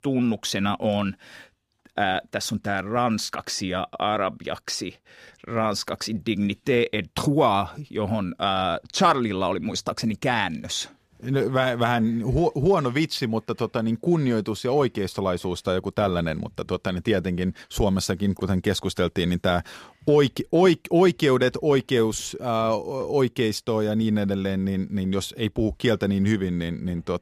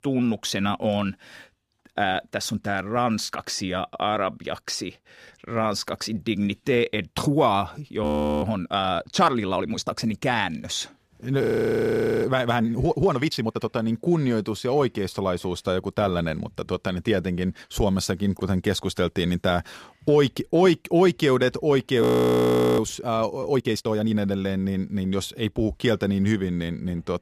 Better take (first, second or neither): first